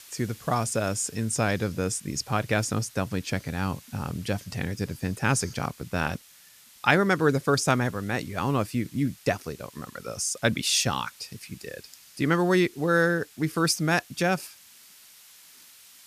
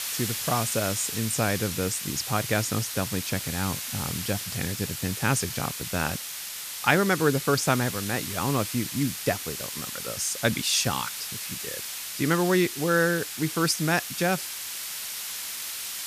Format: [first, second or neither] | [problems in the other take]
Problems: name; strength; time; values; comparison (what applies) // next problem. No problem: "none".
first | hiss; loud; throughout; 5 dB below the speech; faint in the first